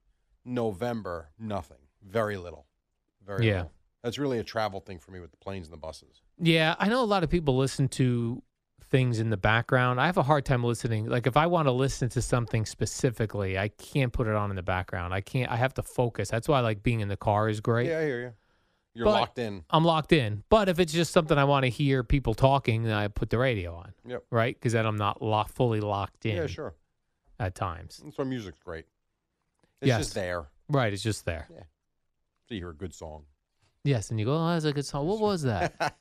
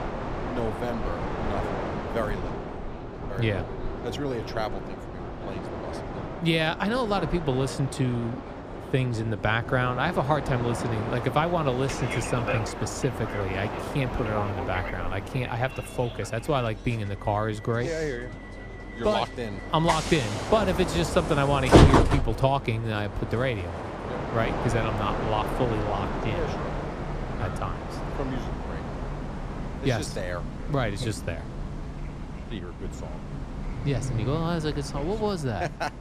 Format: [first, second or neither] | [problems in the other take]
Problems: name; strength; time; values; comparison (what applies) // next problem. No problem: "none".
first | train or aircraft noise; loud; throughout; 3 dB below the speech